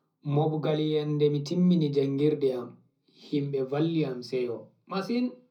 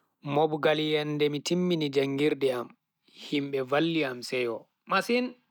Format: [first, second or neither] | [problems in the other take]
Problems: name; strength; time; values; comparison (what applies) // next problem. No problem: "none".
second | room echo; dies away in 0.4 s